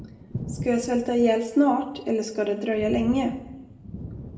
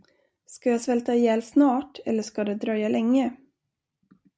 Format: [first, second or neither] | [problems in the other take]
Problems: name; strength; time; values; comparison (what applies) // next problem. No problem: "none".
second | background sound (Thunder); 13 dB below the speech // room echo; dies away in 0.7 s